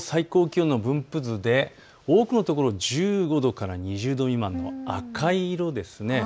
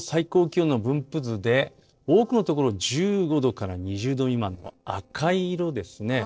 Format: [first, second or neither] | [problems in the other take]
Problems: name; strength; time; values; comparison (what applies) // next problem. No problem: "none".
first | noise reduction (neural separator model SepFormer DNS4)